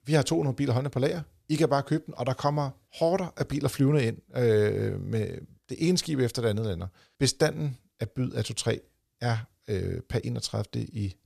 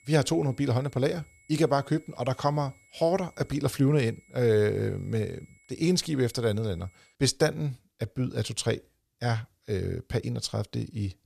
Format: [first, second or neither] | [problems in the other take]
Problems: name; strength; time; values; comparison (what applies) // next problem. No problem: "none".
first | high-pitched whine; faint; until 7 s; 2 kHz, 30 dB below the speech